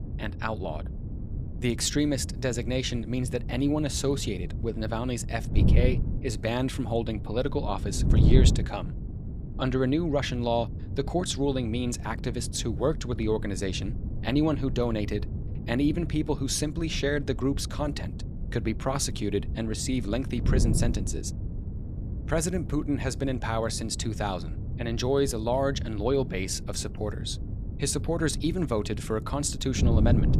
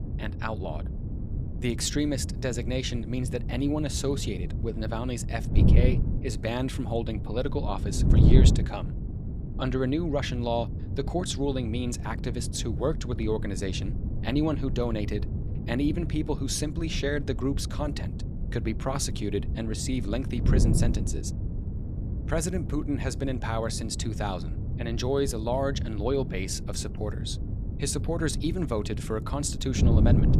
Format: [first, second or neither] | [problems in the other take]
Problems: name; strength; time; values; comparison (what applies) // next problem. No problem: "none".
first | wind noise on the microphone; heavy; 9 dB below the speech; occasional gusts in the first